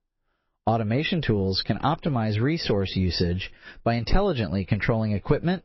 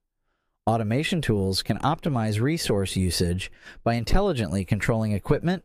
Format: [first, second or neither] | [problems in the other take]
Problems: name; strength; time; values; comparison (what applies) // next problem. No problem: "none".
second | garbled, watery; slightly; nothing above 5.5 kHz